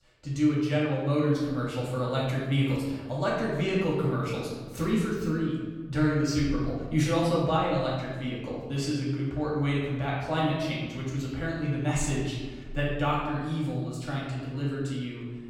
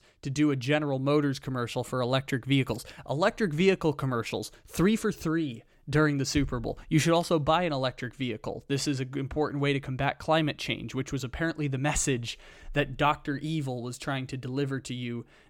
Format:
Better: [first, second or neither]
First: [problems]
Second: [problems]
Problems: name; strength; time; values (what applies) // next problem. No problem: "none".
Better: second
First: room echo; noticeable; dies away in 1.3 s // off-mic speech; far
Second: none